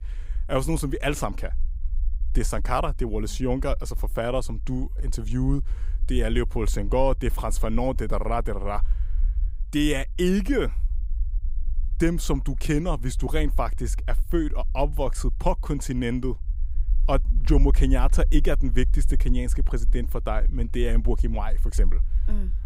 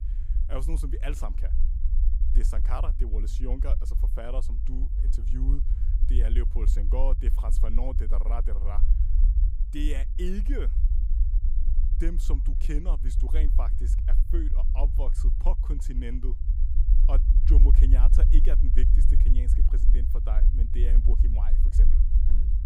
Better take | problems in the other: first | low rumble; loud; throughout; 7 dB below the speech; faint in the first

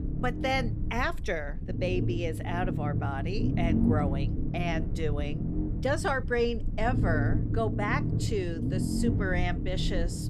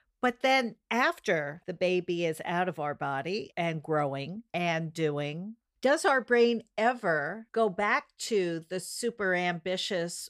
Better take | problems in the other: second | low rumble; loud; throughout; 7 dB below the speech

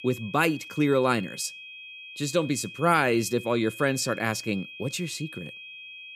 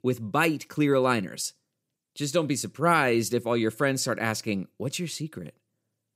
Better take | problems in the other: second | high-pitched whine; noticeable; throughout; 2.5 kHz, 15 dB below the speech

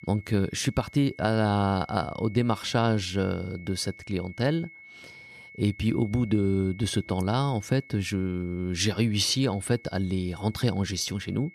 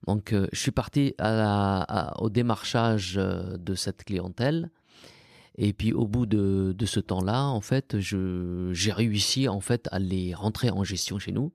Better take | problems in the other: second | high-pitched whine; faint; throughout; 2 kHz, 20 dB below the speech

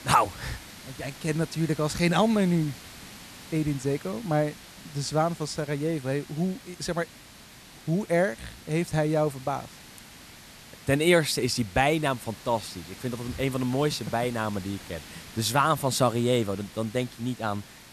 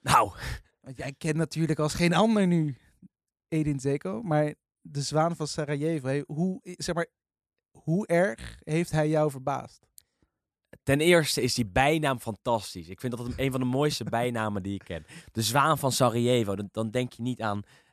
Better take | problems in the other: second | hiss; noticeable; throughout; 15 dB below the speech

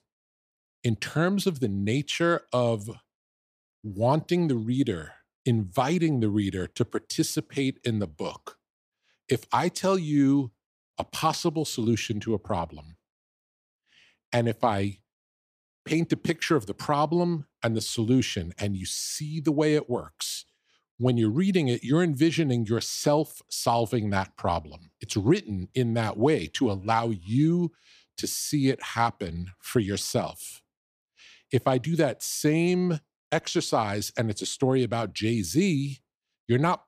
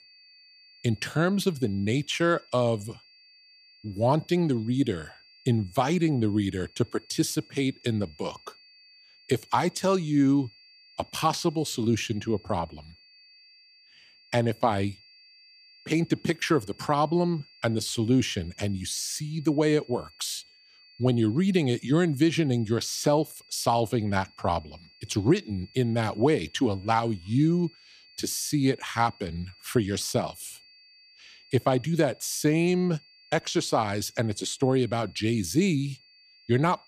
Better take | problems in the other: first | high-pitched whine; faint; throughout; 4.5 kHz, 25 dB below the speech

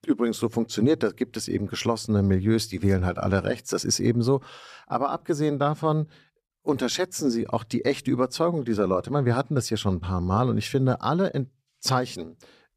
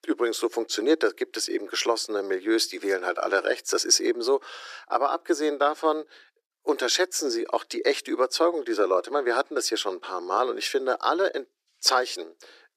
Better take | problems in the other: first | thin; very; fading below 300 Hz

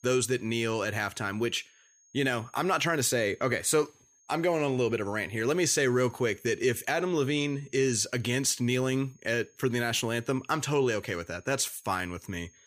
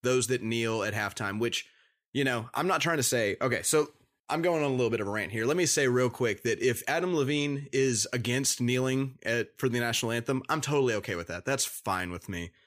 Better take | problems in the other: second | high-pitched whine; faint; throughout; 6.5 kHz, 30 dB below the speech

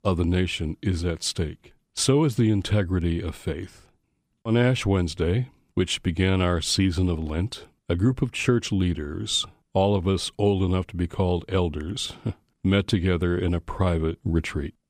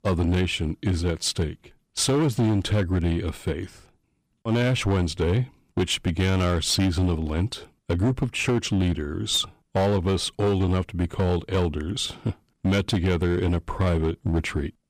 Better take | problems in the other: first | distortion; slight; 10% of the sound clipped

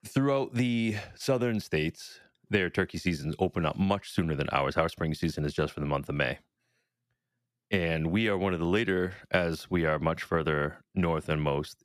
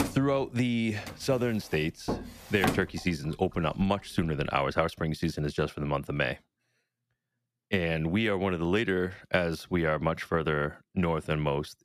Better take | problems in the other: first | household noises; loud; until 4.5 s; 8 dB below the speech

